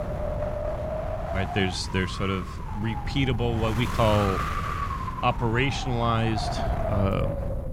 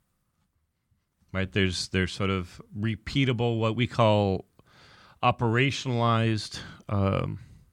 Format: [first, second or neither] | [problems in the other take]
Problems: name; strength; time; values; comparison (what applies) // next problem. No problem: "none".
second | wind noise on the microphone; heavy; 4 dB below the speech